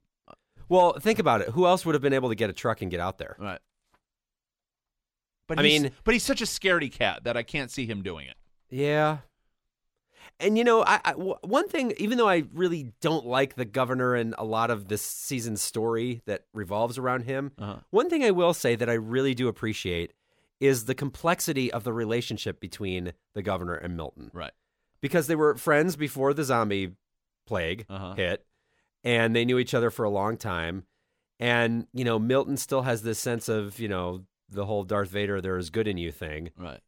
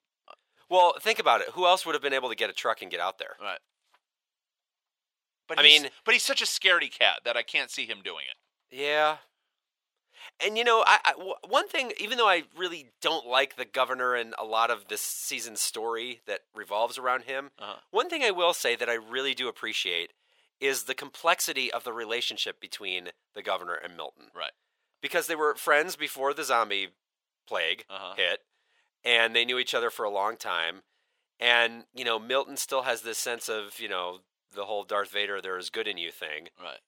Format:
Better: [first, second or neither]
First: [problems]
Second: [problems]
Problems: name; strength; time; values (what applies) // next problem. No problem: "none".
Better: first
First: none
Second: thin; very; fading below 700 Hz